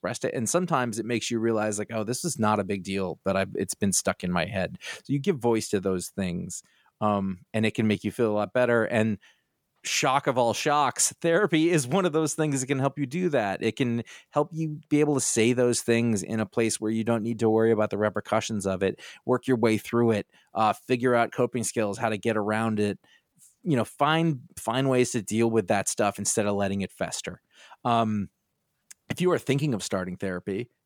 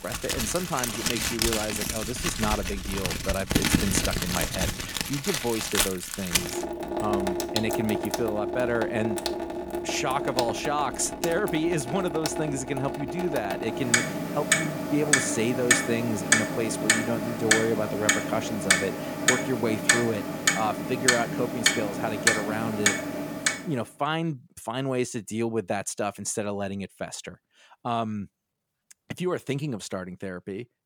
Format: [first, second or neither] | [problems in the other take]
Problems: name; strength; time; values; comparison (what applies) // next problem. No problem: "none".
first | household noises; very loud; until 24 s; 3 dB above the speech